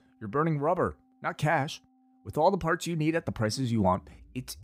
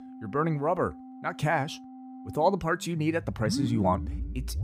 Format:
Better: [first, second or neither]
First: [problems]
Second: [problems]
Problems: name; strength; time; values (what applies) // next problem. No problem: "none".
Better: first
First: background music; faint; throughout; 30 dB below the speech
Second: background music; loud; throughout; 10 dB below the speech